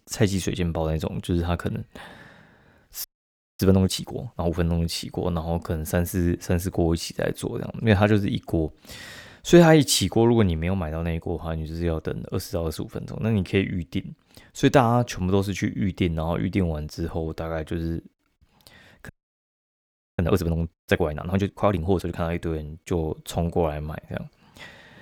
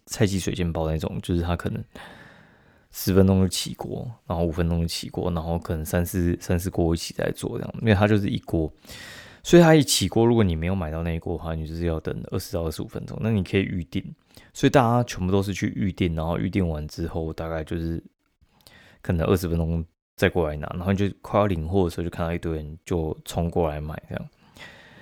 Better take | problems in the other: second | audio freezing; at 3 s for 0.5 s and at 19 s for 1 s

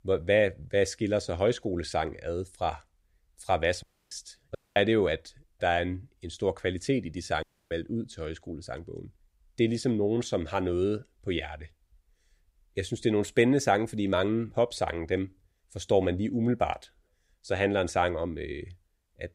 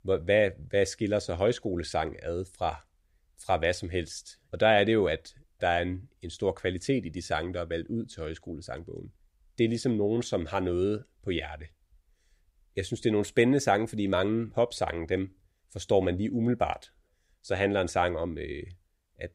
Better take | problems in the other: second | audio cutting out; at 4 s, at 4.5 s and at 7.5 s

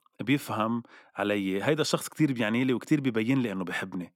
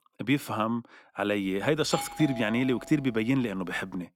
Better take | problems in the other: first | doorbell; noticeable; from 2 to 3 s; peak 8 dB below the speech

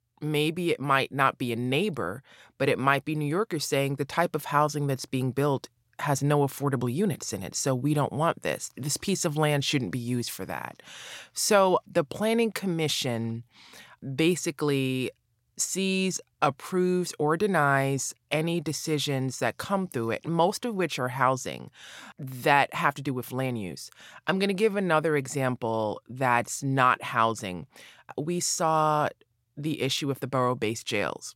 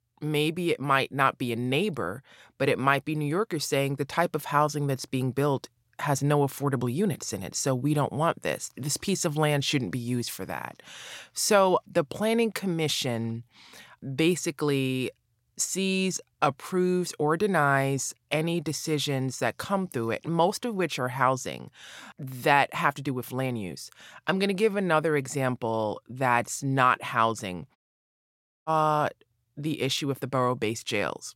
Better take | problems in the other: first | audio cutting out; at 28 s for 1 s

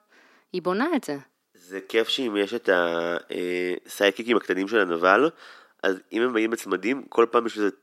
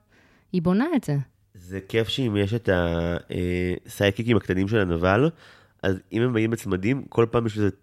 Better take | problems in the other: second | thin; somewhat; fading below 300 Hz

